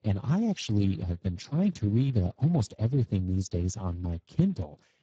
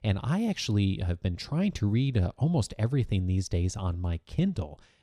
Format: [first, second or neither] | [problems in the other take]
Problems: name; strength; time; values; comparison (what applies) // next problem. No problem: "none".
second | garbled, watery; badly; nothing above 7.5 kHz